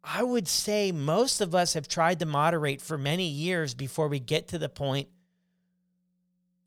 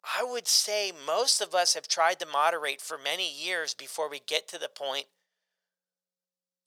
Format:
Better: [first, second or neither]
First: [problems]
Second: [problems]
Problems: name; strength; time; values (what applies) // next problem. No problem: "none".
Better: first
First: none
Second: thin; very; fading below 600 Hz